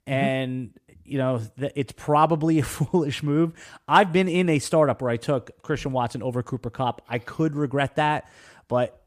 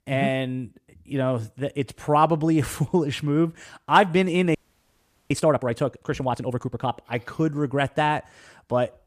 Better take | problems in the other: first | audio freezing; at 4.5 s for 1 s

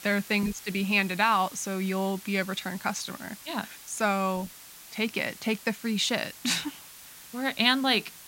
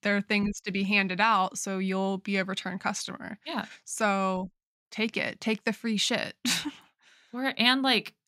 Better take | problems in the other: second | hiss; noticeable; throughout; 15 dB below the speech

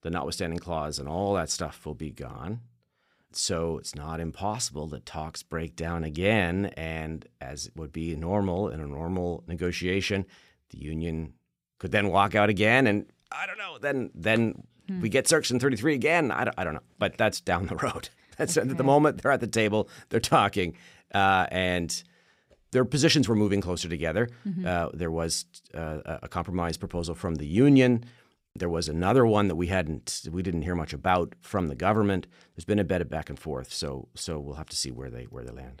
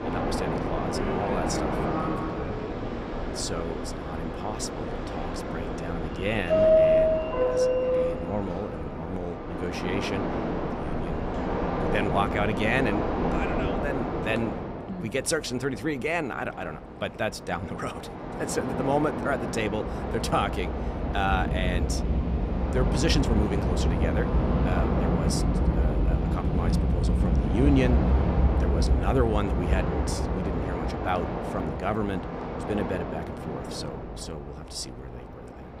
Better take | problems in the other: first | train or aircraft noise; very loud; throughout; 3 dB above the speech

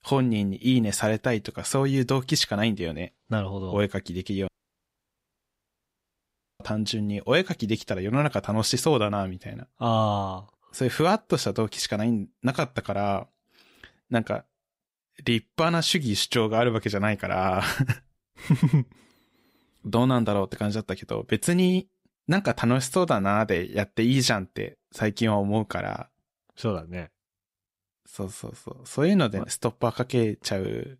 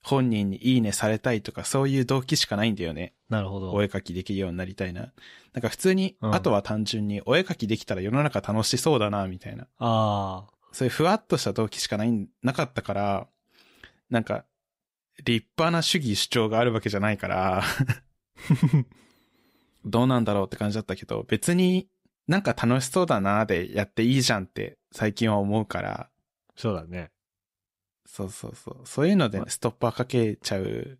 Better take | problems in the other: second | audio cutting out; at 4.5 s for 2 s

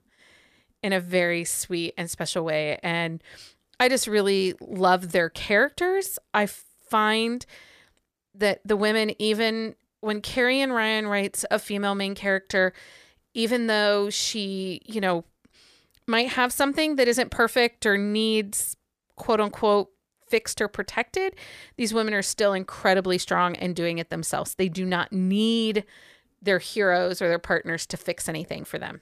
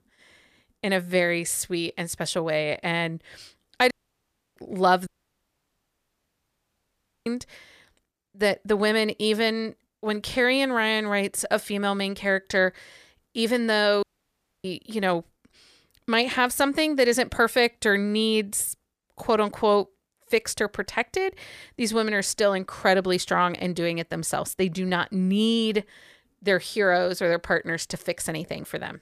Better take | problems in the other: first | audio cutting out; at 4 s for 0.5 s, at 5 s for 2 s and at 14 s for 0.5 s

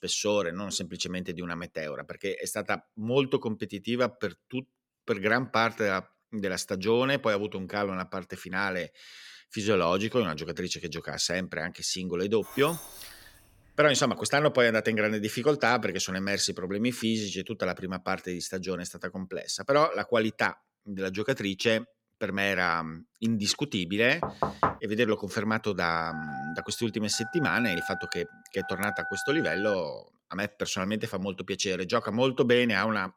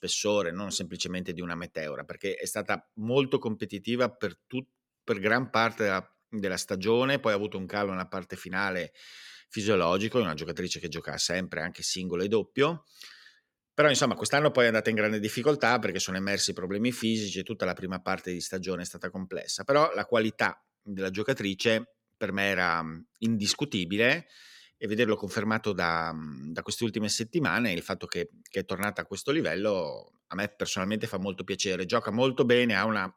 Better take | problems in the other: second | jangling keys; faint; from 12 to 14 s; peak 10 dB below the speech // door banging; loud; at 24 s; peak level with the speech // phone ringing; noticeable; from 26 to 30 s; peak 5 dB below the speech

